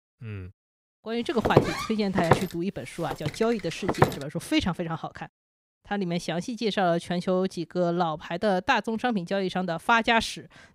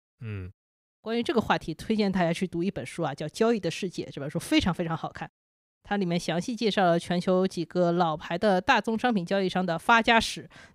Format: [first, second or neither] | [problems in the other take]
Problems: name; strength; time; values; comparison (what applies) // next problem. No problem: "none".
second | footsteps; loud; from 1.5 to 4 s; peak 4 dB above the speech